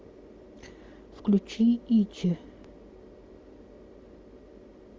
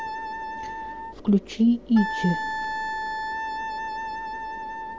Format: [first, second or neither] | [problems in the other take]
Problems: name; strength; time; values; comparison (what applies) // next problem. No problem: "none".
first | background sound (Wind instrument, woodwind instrument); 4 dB below the speech